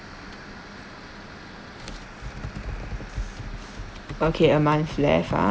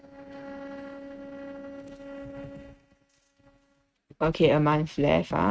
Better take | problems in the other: first | noise reduction (neural mask model RNNoise)

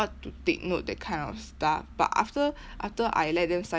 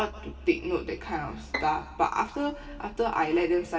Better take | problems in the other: first | background sound (Bowed string instrument); 11 dB below the speech // room echo; dies away in 1.6 s

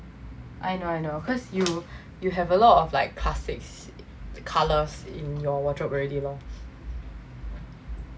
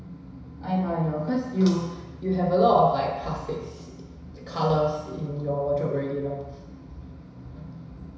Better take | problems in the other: first | room echo; dies away in 1 s

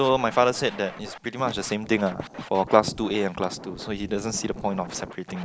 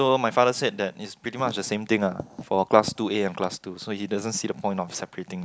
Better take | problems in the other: second | background sound (Scratching (performance technique)); 16 dB below the speech

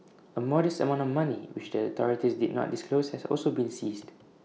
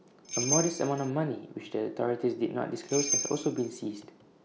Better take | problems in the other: first | background sound (Bell); 1 dB below the speech

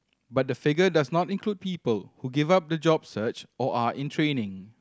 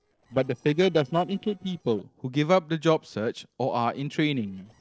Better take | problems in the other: first | noise reduction (neural separator model SepFormer DNS4)

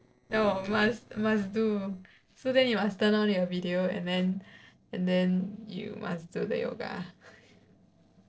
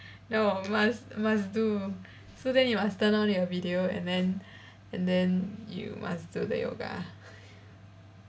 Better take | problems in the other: second | noise reduction (neural separator model SepFormer DNS4)

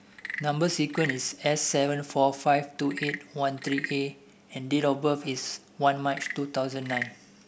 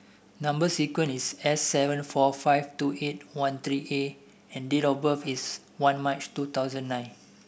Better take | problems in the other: second | background sound (Wood / Percussion / Frog); 13 dB below the speech

